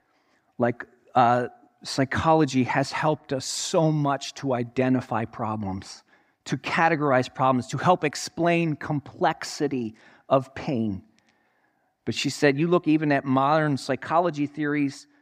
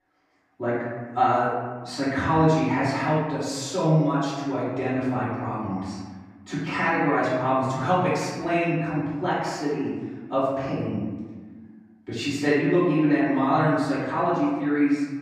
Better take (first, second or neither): first